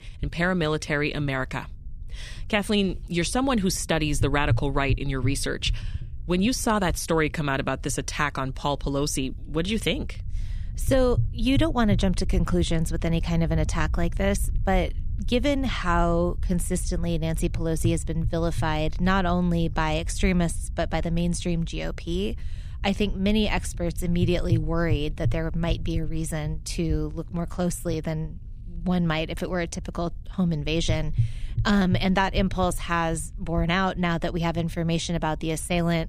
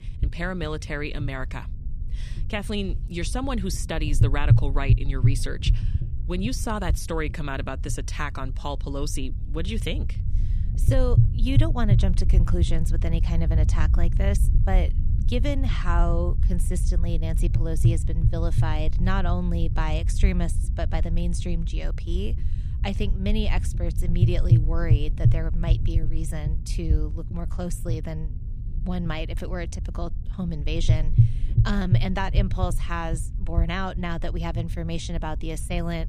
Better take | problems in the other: first | low rumble; loud; throughout; 8 dB below the speech; faint in the first

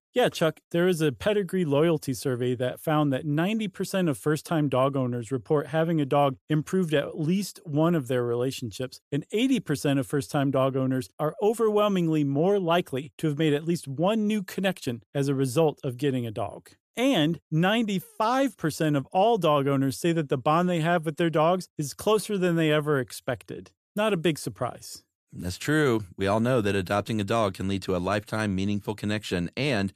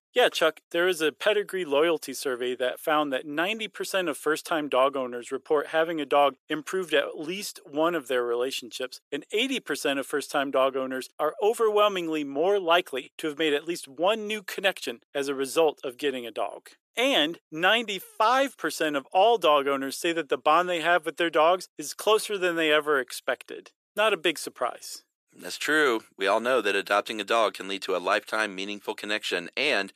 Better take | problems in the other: first | thin; somewhat; fading below 350 Hz

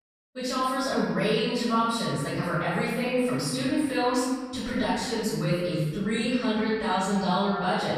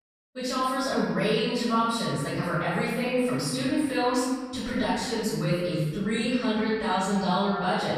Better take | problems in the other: neither | off-mic speech; far; the same in both // room echo; strong; dies away in 1.3 s; the same in both

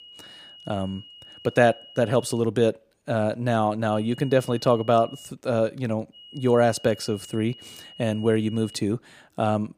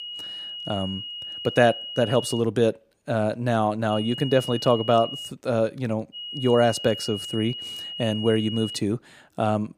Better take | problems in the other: first | high-pitched whine; loud; until 2.5 s, from 4 to 5.5 s and from 6 to 9 s; 3 kHz, 9 dB below the speech; faint in the first

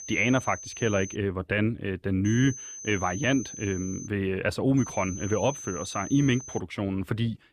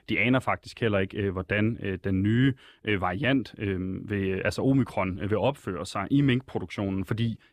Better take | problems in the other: second | high-pitched whine; noticeable; until 1 s, from 2.5 to 4 s and from 5 to 6.5 s; 6 kHz, 10 dB below the speech

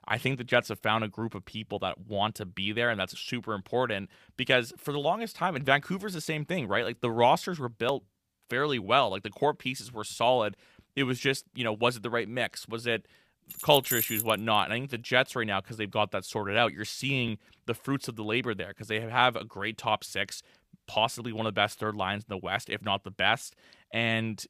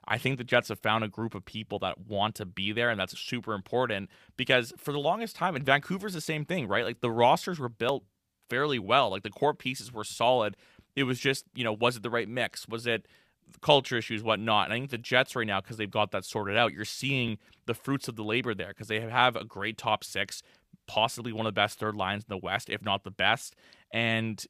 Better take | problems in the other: second | jangling keys; loud; at 14 s; peak 1 dB above the speech

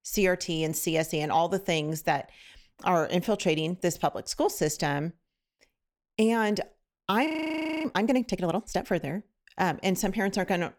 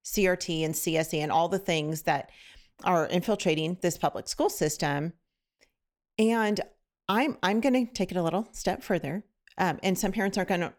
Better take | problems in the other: second | audio freezing; at 7.5 s for 0.5 s

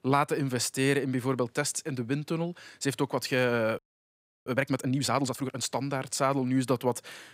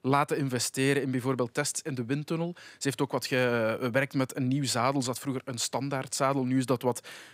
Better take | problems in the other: second | audio freezing; at 4 s for 0.5 s

